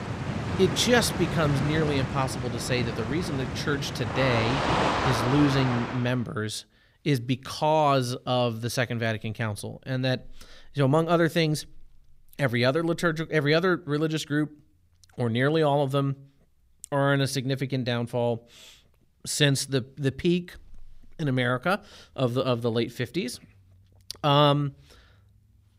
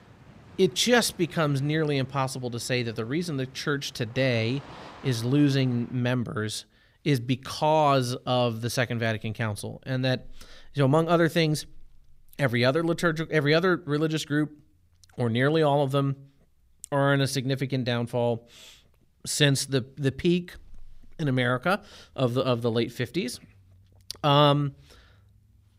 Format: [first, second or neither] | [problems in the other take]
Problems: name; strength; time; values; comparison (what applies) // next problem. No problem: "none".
second | rain or running water; loud; until 6 s; 4 dB below the speech; faint in the second